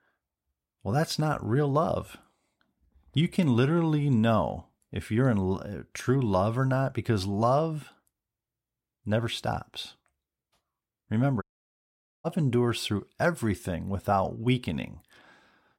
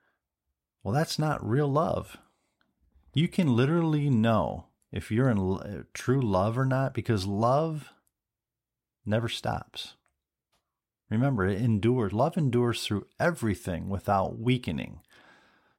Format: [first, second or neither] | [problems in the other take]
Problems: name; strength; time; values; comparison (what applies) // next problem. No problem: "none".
second | audio cutting out; at 11 s for 1 s